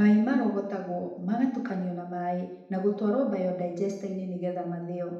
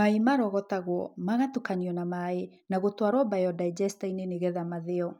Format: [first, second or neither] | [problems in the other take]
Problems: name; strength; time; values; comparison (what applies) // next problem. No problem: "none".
second | room echo; dies away in 0.8 s